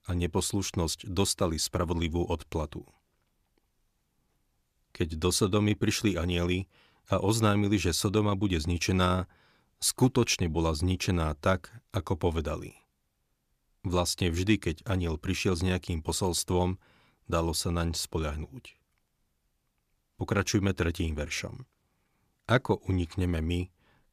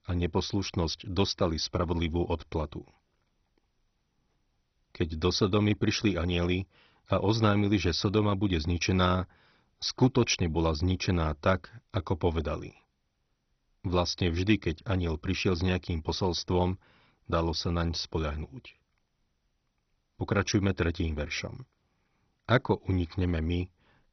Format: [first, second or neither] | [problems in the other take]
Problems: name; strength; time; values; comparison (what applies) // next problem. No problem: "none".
first | garbled, watery; badly; nothing above 6 kHz